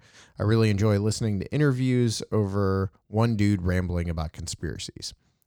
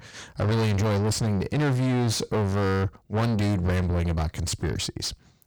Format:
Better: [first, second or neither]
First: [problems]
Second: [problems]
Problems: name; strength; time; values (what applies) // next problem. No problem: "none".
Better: first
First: none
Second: distortion; heavy; 6 dB below the speech